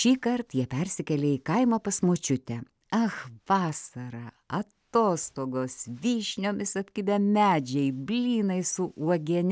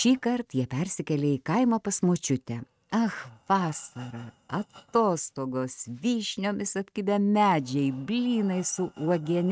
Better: first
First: none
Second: noise reduction (neural mask model RNNoise)

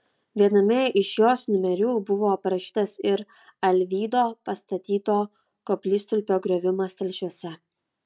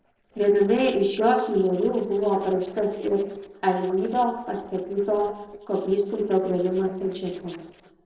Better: first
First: none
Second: noise reduction (neural separator model SepFormer DNS4)

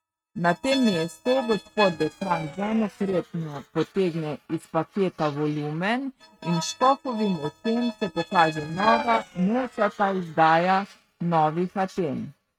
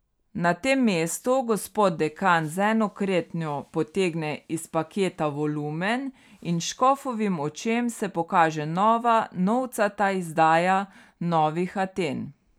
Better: second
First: noise reduction (neural mask model RNNoise)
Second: none

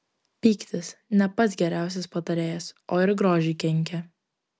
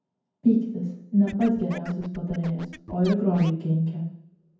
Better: first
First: none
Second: background sound (Scratching (performance technique)); 17 dB below the speech // room echo; dies away in 0.9 s

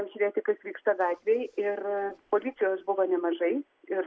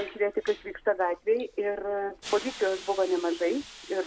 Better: first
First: none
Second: background sound (Hiss); 17 dB below the speech

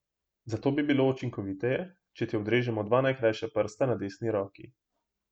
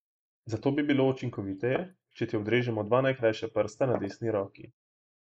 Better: first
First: none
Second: noise reduction (neural mask model Resemble Enhance denoiser)

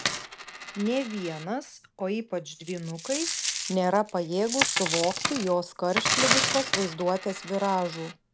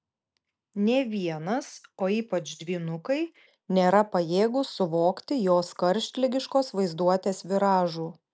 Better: second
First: background sound (Coin (dropping)); 2 dB below the speech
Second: none

